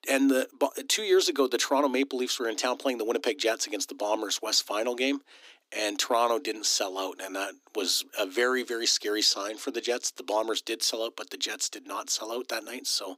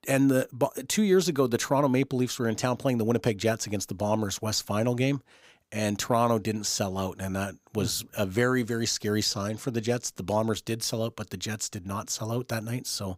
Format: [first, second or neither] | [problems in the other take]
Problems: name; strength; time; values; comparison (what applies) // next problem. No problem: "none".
second | thin; very slightly; fading below 250 Hz